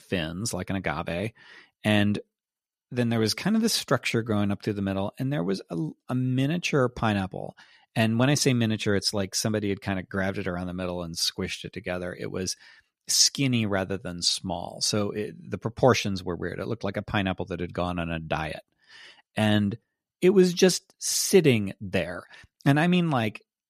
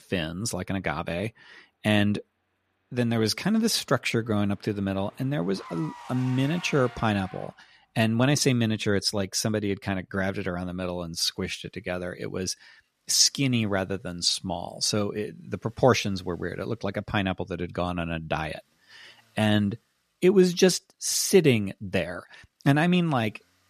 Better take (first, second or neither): first